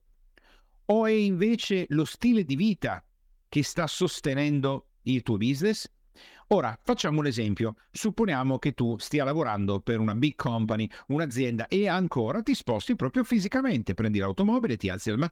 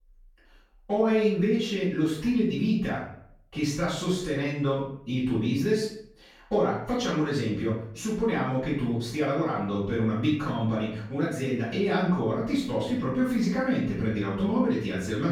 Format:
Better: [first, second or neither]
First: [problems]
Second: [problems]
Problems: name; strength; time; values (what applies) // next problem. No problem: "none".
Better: first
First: none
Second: off-mic speech; far // room echo; noticeable; dies away in 0.5 s